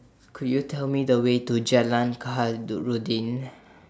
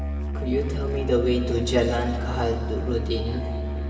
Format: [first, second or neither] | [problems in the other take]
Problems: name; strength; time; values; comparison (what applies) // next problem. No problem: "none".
first | background sound (Musical instrument); 1 dB below the speech // room echo; dies away in 2.3 s